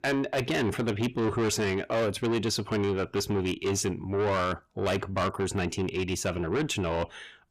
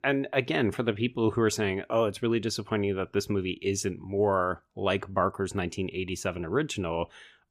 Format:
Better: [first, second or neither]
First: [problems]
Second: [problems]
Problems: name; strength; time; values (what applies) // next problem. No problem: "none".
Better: second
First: distortion; heavy; 7 dB below the speech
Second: none